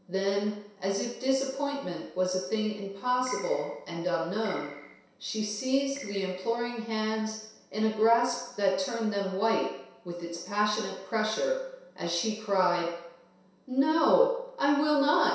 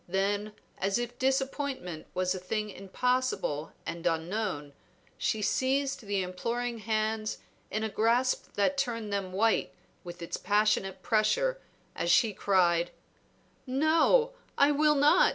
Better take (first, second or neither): second